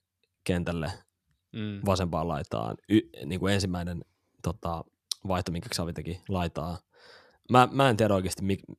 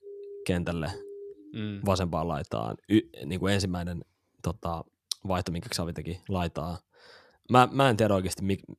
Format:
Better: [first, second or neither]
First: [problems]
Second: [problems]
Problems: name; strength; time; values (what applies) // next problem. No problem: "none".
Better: first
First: none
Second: siren; faint; until 2 s; peak 15 dB below the speech